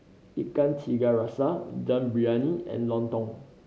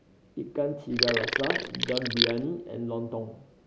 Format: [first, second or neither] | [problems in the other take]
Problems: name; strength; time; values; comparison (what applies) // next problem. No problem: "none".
first | background sound (Sink (filling or washing)); 3 dB above the speech